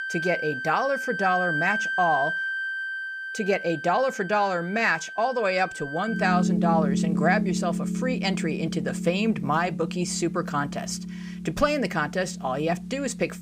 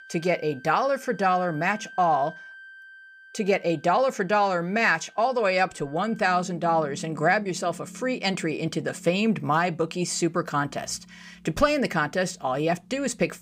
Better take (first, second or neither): second